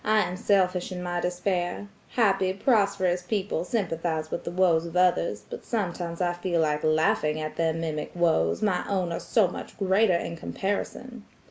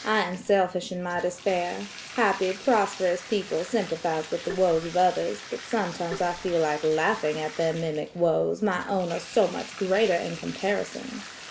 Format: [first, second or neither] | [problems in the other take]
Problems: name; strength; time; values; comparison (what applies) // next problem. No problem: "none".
first | background sound (Tap + Bathtub (filling or washing)); 15 dB below the speech